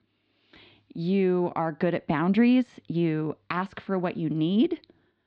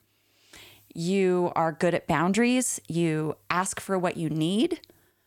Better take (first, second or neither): second